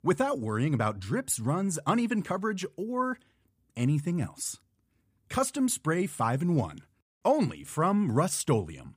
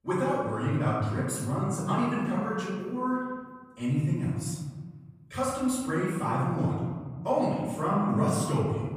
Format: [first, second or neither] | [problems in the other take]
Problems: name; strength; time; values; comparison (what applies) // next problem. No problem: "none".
first | off-mic speech; far // room echo; noticeable; dies away in 1.6 s